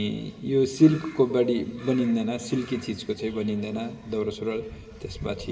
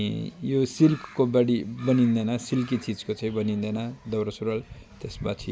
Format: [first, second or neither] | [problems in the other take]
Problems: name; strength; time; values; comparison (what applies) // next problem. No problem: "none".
second | room echo; dies away in 1.9 s